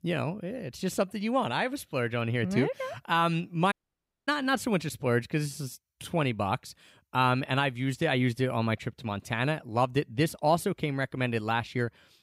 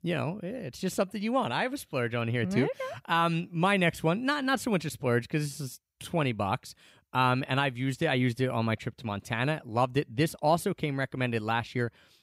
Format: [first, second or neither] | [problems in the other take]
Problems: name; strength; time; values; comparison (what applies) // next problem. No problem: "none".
second | audio cutting out; at 3.5 s for 0.5 s